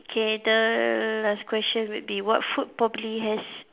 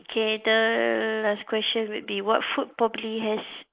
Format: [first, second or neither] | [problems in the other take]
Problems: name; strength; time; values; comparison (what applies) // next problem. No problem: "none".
first | noise reduction (neural mask model Resemble Enhance denoiser)